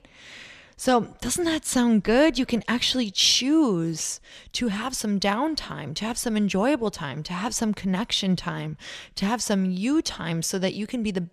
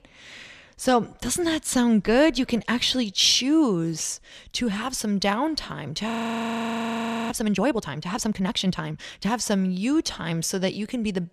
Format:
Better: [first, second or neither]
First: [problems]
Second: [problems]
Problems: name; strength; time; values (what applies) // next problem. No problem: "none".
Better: first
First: none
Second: audio freezing; at 6 s for 1 s